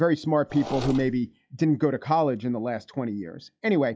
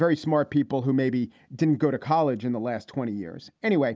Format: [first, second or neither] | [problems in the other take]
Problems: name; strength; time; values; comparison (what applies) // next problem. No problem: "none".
second | noise reduction (classical method log-MMSE)